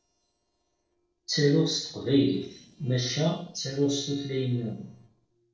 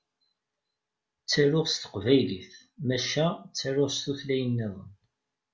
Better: second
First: noise reduction (neural separator model SepFormer DNS4)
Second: none

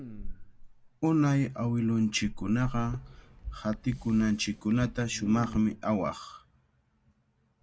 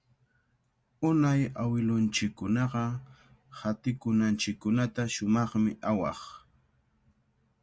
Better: second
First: background sound (Respiratory sounds + Chatter / Chirp, tweet / Car passing by / Typing); 12 dB below the speech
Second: none

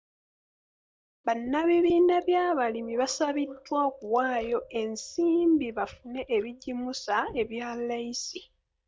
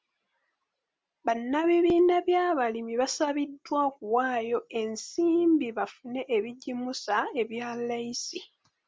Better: second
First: noise reduction (neural mask model DeepFilterNet 3)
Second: none

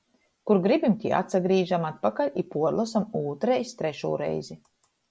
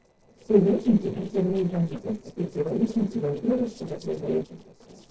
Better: first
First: none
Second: noise reduction (neural separator model SepFormer DNS4)

